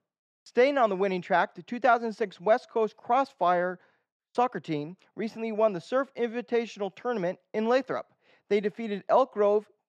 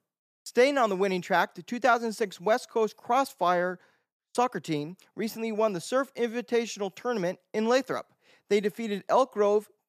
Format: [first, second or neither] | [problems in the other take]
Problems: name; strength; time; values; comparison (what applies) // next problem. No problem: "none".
second | muffled; slightly; fading above 3.5 kHz